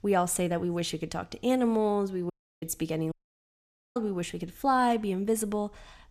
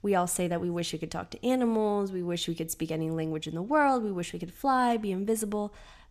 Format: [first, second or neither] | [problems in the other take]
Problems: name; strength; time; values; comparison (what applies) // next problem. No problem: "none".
second | audio cutting out; at 2.5 s and at 3 s for 1 s